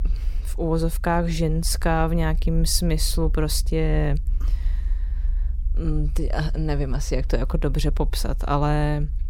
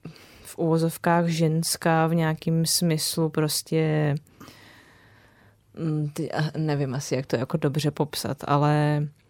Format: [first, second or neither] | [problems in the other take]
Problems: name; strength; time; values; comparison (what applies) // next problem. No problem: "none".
second | low rumble; faint; throughout; 25 dB below the speech